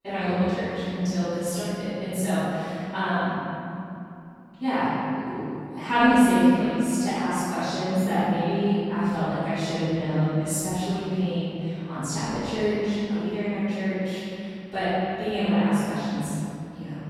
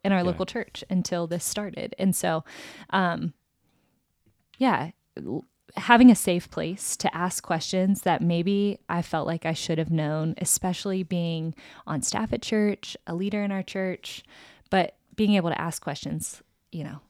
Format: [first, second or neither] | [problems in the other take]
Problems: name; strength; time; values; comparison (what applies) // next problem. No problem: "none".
second | off-mic speech; far // room echo; strong; dies away in 2.6 s